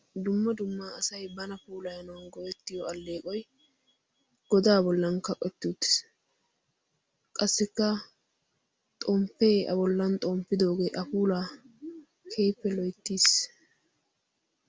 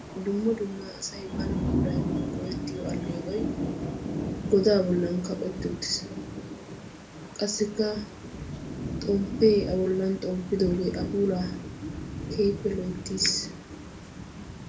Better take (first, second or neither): first